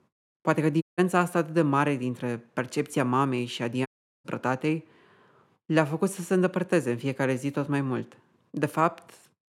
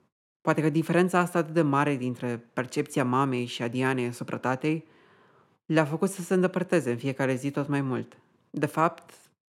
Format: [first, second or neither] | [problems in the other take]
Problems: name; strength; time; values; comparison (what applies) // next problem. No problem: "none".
second | audio cutting out; at 1 s and at 4 s